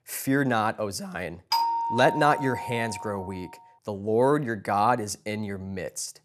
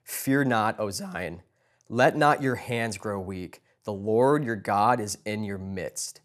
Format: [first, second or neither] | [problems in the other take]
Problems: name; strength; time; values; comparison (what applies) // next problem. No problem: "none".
second | doorbell; loud; from 1.5 to 3 s; peak 2 dB above the speech